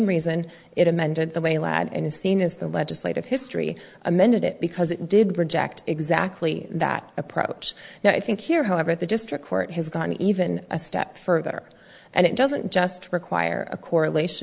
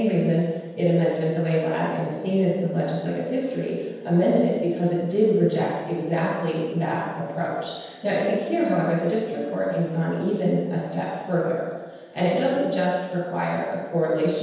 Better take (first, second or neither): first